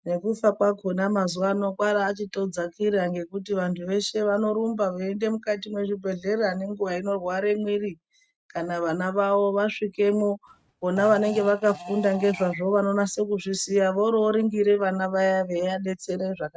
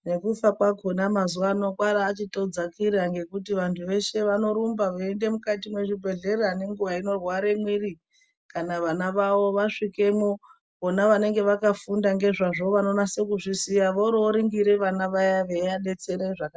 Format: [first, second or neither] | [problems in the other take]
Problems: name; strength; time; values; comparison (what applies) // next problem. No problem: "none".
second | noise reduction (neural mask model RNNoise)